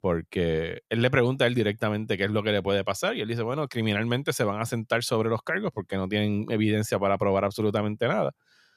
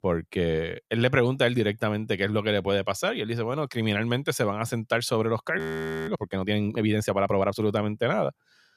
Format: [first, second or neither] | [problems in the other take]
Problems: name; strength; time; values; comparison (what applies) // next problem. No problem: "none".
first | audio freezing; at 5.5 s